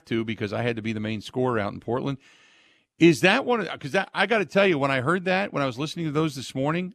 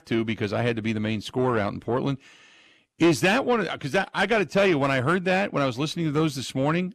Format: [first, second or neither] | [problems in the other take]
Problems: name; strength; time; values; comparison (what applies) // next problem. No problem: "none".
first | distortion; slight; 10 dB below the speech